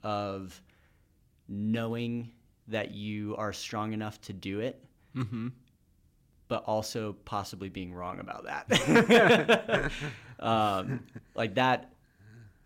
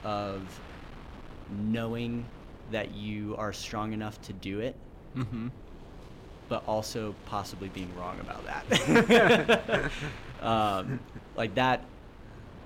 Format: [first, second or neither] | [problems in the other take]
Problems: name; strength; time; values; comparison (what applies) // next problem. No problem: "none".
first | wind noise on the microphone; occasional gusts; 20 dB below the speech